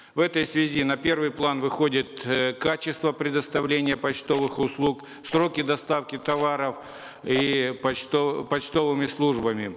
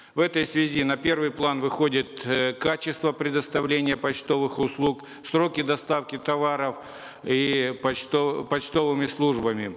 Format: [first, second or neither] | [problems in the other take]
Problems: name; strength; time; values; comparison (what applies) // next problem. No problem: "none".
second | background sound (Rattle); 18 dB below the speech